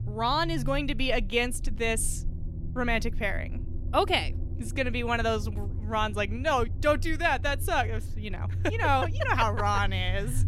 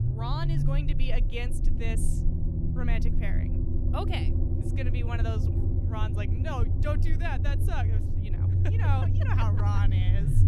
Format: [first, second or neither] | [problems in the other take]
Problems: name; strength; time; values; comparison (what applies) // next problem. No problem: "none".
first | low rumble; loud; throughout; 4 dB below the speech; faint in the first